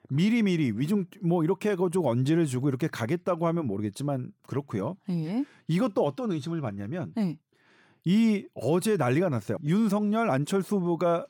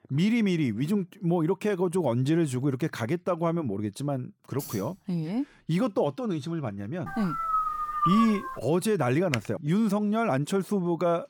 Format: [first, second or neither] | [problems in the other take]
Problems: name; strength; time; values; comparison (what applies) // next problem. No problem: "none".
first | jangling keys; faint; at 4.5 s; peak 10 dB below the speech // dog barking; loud; from 7 to 8.5 s; peak 1 dB above the speech // keyboard typing; very faint; at 9.5 s; peak 8 dB below the speech